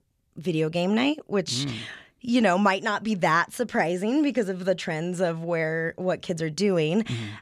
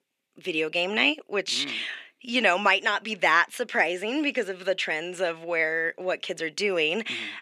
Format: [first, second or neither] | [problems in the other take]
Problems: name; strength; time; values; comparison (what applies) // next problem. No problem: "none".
first | thin; somewhat; fading below 300 Hz